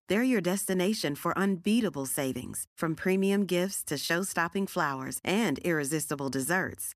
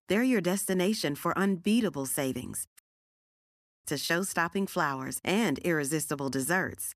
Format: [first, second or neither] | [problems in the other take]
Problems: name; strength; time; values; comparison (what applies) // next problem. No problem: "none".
first | audio cutting out; at 3 s for 1 s